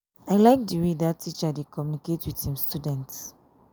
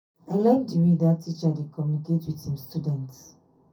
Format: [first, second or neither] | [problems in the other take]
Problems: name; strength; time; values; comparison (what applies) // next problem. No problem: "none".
first | room echo; dies away in 0.3 s